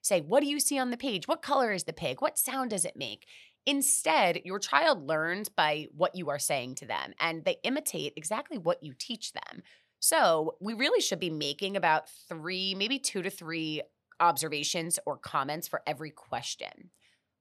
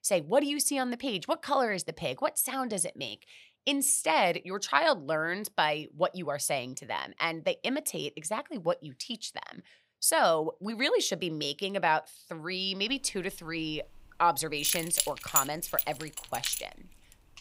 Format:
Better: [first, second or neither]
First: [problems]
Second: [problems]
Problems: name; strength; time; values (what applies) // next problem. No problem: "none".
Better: first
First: none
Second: jangling keys; loud; from 15 to 17 s; peak 2 dB above the speech